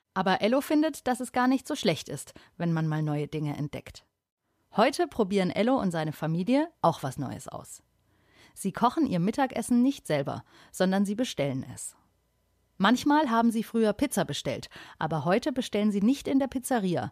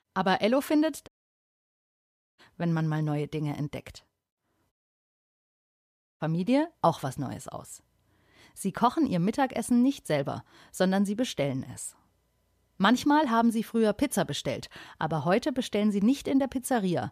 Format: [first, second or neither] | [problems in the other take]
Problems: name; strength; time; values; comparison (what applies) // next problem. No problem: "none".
first | audio cutting out; at 1 s for 1.5 s and at 4.5 s for 1.5 s